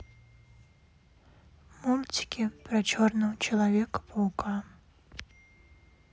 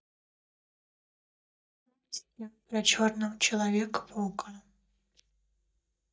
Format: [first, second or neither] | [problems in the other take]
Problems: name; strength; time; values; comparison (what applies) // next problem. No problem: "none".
first | noise reduction (neural mask model DeepFilterNet 3)